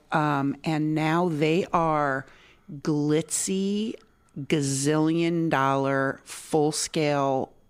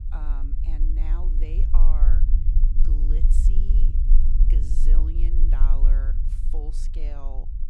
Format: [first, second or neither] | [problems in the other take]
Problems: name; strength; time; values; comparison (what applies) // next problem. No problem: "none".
first | low rumble; loud; throughout; 2 dB below the speech